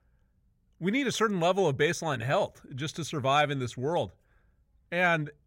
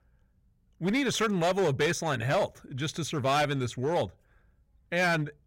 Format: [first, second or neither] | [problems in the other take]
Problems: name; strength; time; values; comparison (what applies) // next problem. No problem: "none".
first | distortion; slight; 8% of the sound clipped